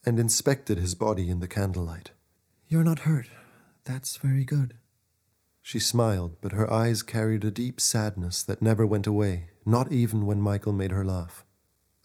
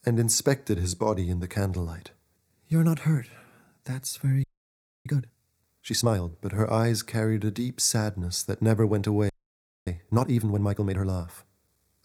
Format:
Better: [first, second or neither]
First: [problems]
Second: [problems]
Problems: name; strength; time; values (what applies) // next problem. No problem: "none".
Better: first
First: none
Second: audio freezing; at 4.5 s for 0.5 s and at 9.5 s for 0.5 s